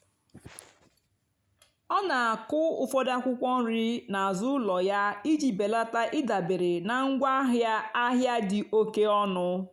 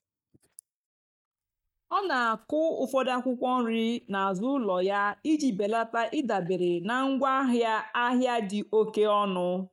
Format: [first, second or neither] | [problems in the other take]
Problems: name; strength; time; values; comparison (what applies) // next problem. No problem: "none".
first | noise reduction (neural mask model DeepFilterNet 3)